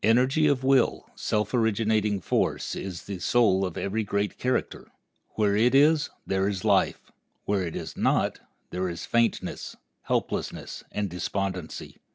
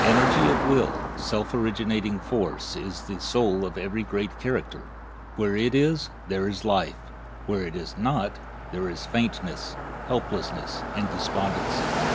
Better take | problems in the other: first | background sound (Car passing by); 4 dB below the speech

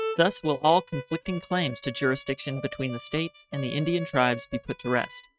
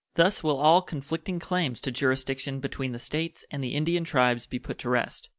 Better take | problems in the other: second | noise reduction (neural mask model RNNoise)

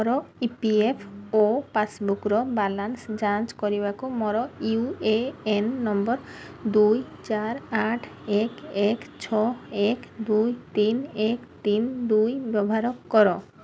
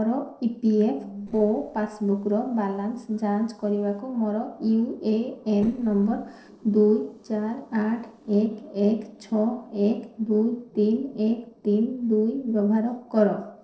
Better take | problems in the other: first | noise reduction (neural separator model SepFormer DNS4)

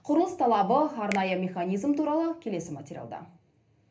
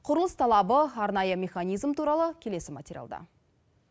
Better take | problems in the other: second | background sound (Finger snapping); 19 dB below the speech // room echo; dies away in 0.3 s

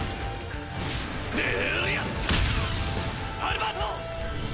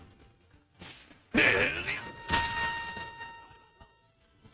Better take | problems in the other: first | noise reduction (neural mask model RNNoise)

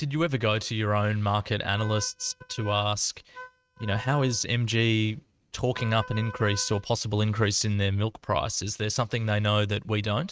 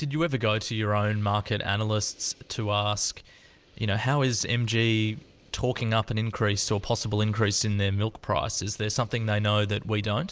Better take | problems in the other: second | noise reduction (neural mask model RNNoise)

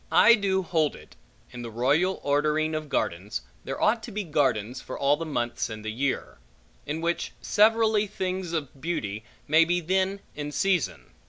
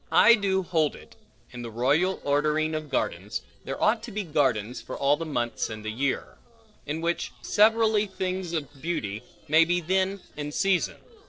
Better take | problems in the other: first | noise reduction (neural separator model SepFormer DNS4)

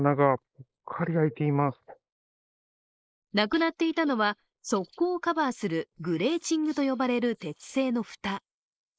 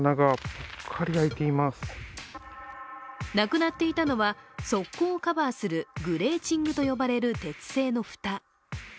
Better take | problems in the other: second | noise reduction (neural mask model Resemble Enhance denoiser)

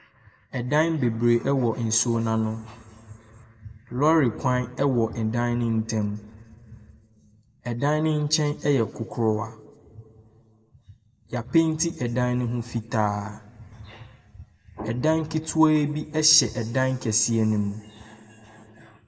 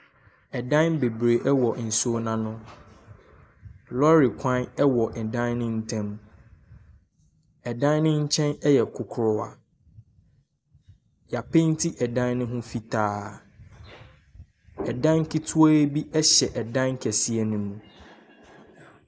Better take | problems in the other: second | room echo; dies away in 1.9 s

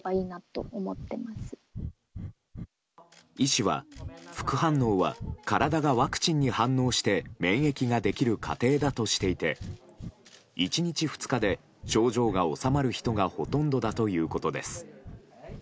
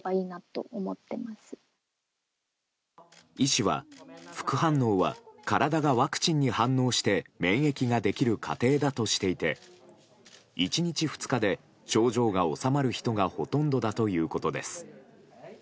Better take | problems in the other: second | background sound (Breathing); 15 dB below the speech

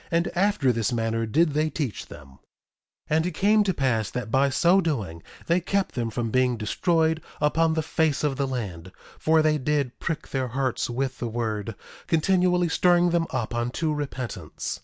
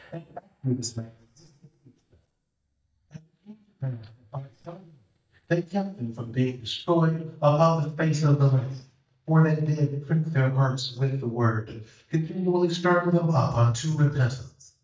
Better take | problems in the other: first | noise reduction (neural mask model DeepFilterNet 3)

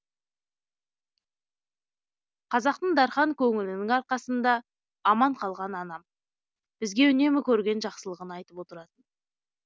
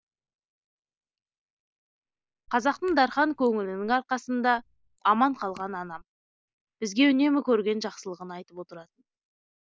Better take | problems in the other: first | noise reduction (neural mask model Resemble Enhance denoiser)

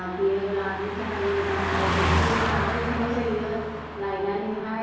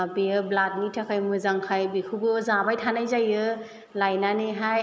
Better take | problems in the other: second | background sound (Car passing by); as loud as the speech // room echo; dies away in 1.3 s

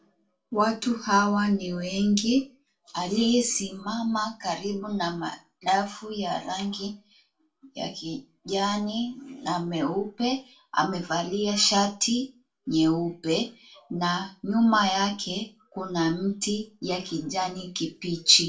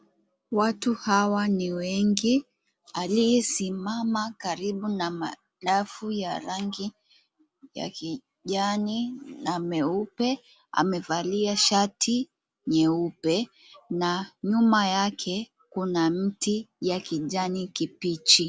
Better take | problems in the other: second | room echo; dies away in 0.2 s

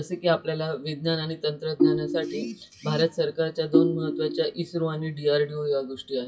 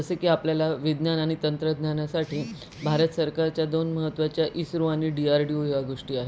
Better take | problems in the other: second | noise reduction (classical method WPE with log-MMSE)

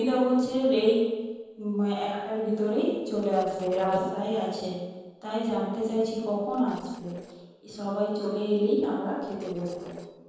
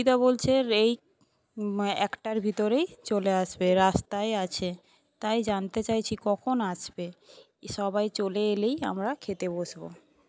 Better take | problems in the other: second | noise reduction (neural separator model SepFormer DNS4)

